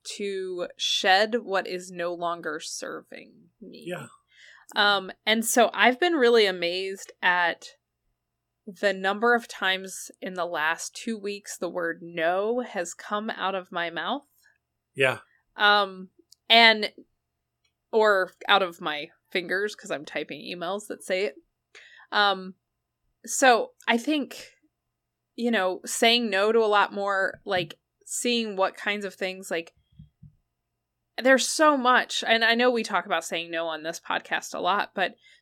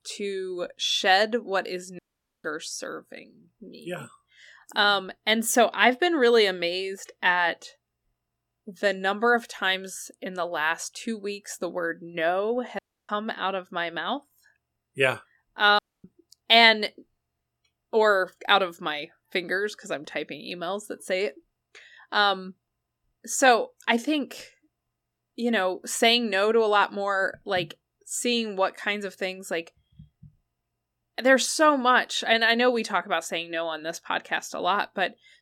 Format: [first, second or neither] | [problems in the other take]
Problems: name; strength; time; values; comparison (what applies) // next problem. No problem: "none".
first | audio cutting out; at 2 s, at 13 s and at 16 s